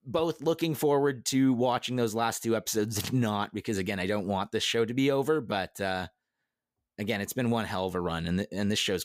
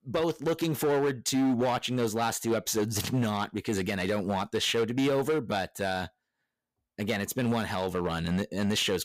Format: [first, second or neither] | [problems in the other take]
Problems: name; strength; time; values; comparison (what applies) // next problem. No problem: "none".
first | distortion; slight; 9% of the sound clipped